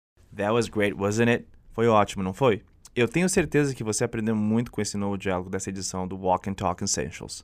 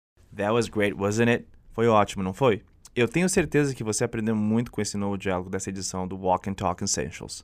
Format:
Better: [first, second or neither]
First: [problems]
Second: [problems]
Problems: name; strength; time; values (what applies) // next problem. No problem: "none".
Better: neither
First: none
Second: none